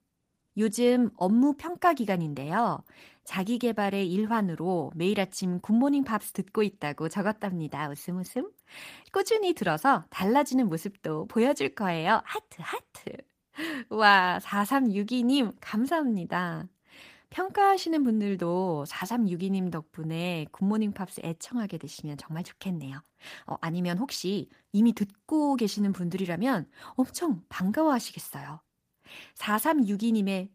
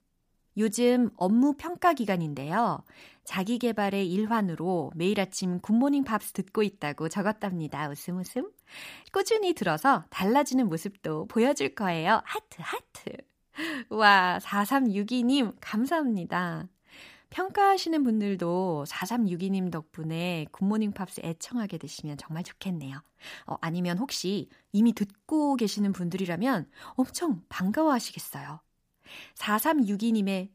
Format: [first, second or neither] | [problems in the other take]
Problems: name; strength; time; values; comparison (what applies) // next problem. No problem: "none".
second | garbled, watery; slightly; nothing above 15 kHz